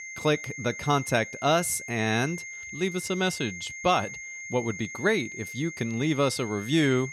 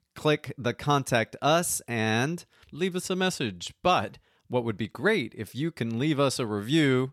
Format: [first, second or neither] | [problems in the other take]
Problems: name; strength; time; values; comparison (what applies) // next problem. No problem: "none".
second | high-pitched whine; noticeable; throughout; 2 kHz, 10 dB below the speech